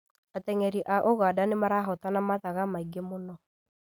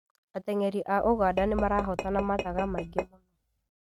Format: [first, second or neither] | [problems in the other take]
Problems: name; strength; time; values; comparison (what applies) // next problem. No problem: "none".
first | noise reduction (neural mask model RNNoise)